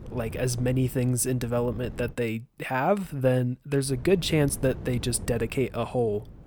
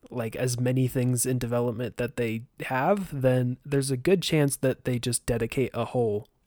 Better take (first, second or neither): second